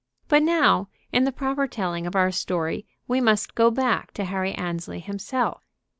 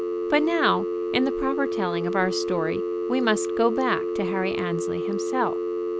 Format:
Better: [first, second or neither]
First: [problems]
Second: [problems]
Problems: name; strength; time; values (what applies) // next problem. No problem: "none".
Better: first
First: none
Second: background sound (Telephone); 1 dB below the speech